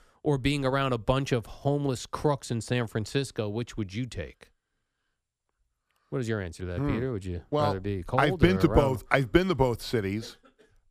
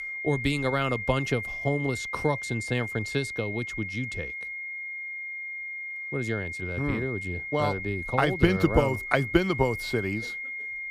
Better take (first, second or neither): first